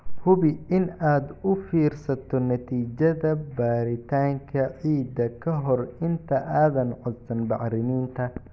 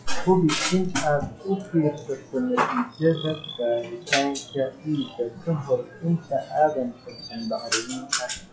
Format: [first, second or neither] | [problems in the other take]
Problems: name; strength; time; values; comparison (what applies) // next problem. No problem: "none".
first | noise reduction (classical method WPE with log-MMSE)